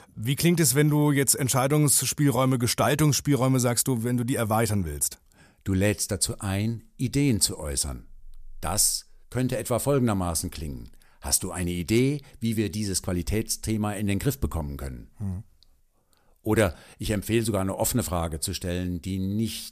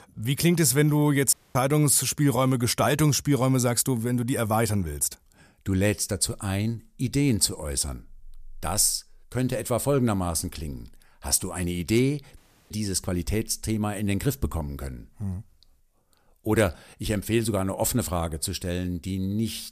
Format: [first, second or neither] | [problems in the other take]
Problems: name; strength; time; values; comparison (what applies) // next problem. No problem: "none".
first | audio cutting out; at 1.5 s and at 12 s